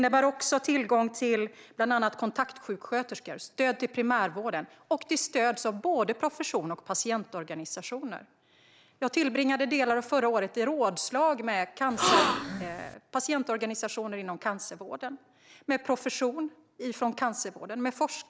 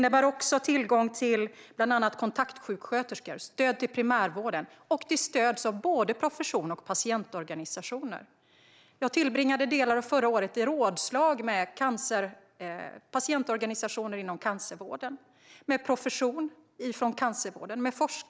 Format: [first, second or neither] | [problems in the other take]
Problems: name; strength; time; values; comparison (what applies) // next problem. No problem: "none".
second | background sound (Gasp); 2 dB above the speech